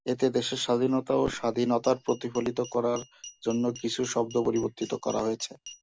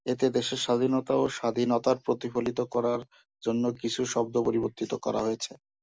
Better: second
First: background sound (Glass + Fireworks); 20 dB below the speech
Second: none

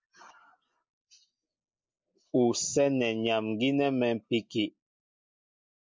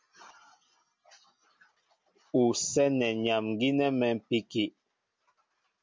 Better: second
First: noise reduction (neural mask model Resemble Enhance denoiser)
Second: none

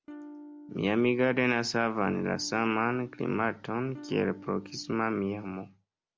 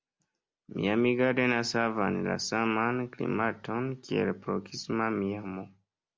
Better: second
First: background sound (Electric guitar / Strum); 18 dB below the speech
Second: none

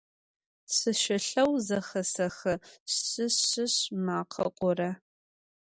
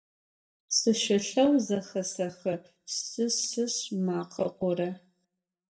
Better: first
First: none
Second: noise reduction (neural mask model DeepFilterNet 3)

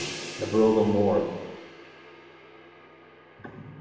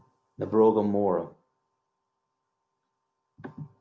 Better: second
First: background sound (Crash cymbal); 14 dB below the speech // room echo; dies away in 1 s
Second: none

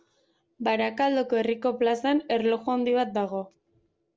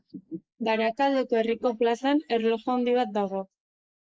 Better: first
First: none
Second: noise reduction (neural mask model Resemble Enhance denoiser)

